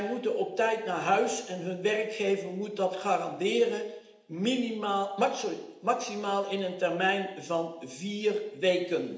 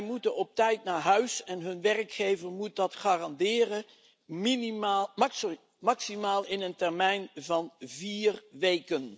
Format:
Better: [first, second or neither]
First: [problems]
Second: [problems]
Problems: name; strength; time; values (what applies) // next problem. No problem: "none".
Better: second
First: room echo; dies away in 0.8 s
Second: none